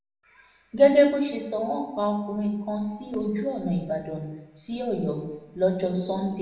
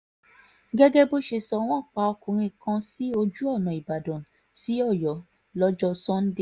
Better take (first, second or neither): second